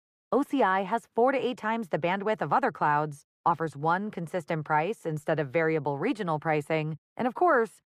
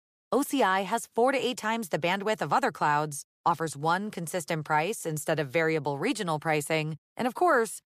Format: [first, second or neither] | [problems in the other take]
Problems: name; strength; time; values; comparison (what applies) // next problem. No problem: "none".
second | muffled; slightly; fading above 3.5 kHz